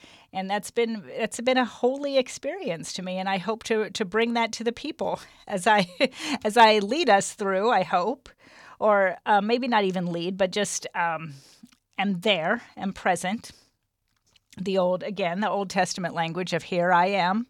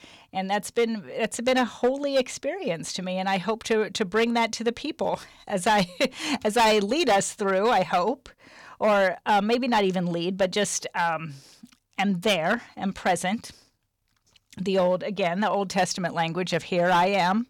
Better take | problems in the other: first | distortion; slight; 5% of the sound clipped

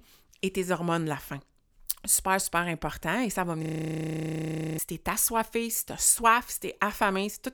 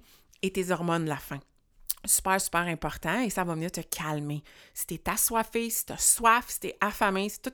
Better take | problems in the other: second | audio freezing; at 3.5 s for 1 s

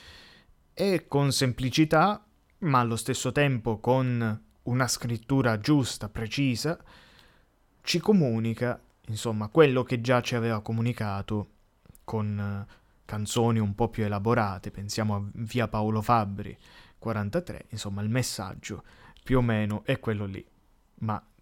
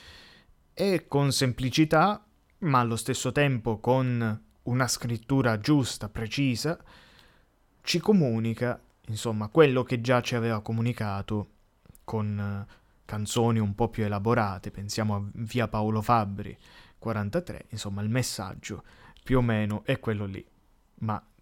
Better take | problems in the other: neither | none

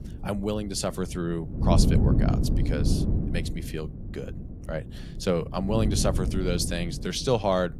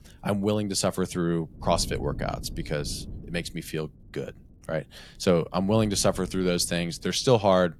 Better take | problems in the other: second | wind noise on the microphone; heavy; 6 dB below the speech; occasional gusts in the second

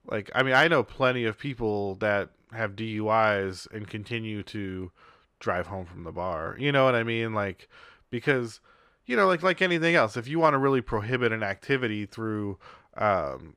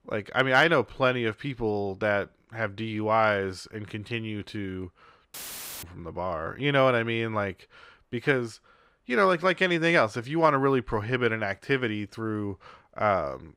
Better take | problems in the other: first | audio cutting out; filled with static; at 5.5 s

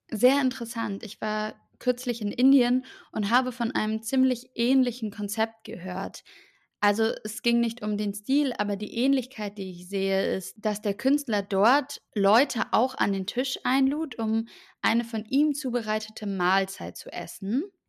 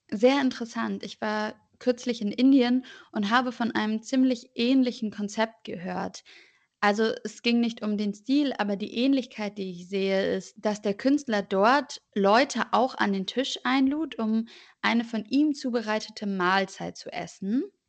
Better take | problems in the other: first | garbled, watery; slightly; nothing above 7.5 kHz

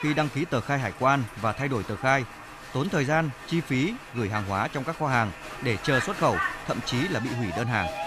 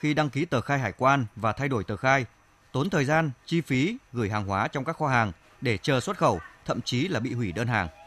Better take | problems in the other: second | crowd noise; loud; throughout; 8 dB below the speech; faint in the second

